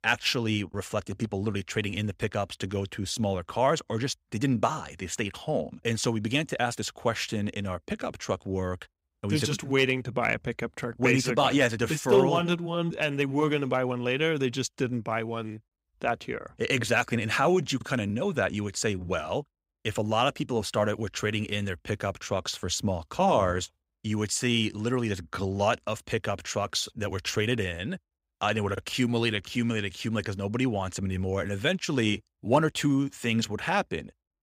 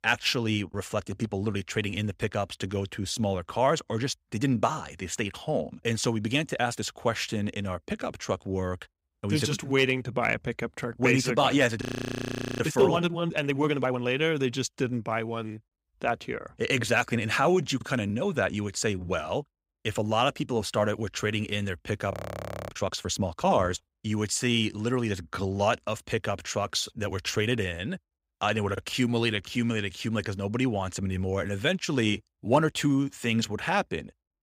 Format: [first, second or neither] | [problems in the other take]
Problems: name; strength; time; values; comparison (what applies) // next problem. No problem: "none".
first | audio freezing; at 12 s for 1 s and at 22 s for 0.5 s